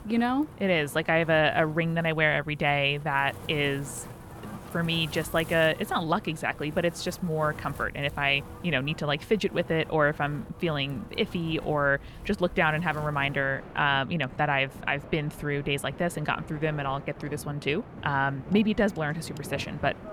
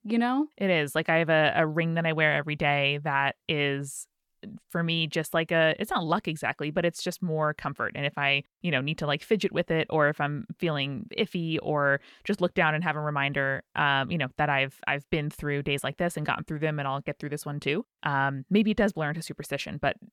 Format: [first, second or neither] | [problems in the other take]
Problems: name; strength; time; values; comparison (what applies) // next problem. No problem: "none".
second | wind in the background; noticeable; throughout; 15 dB below the speech